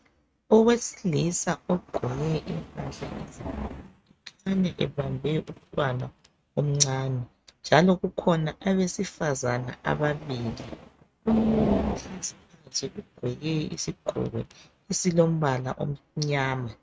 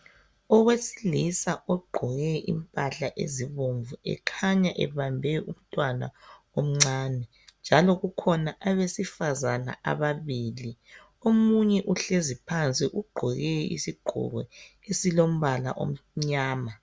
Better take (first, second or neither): second